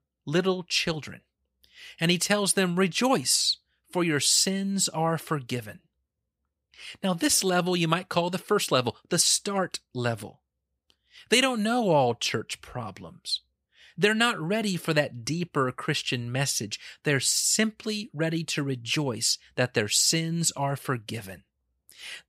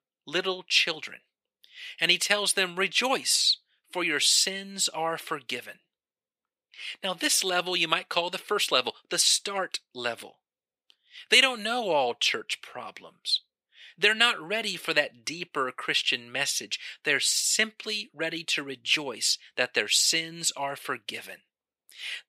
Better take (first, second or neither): first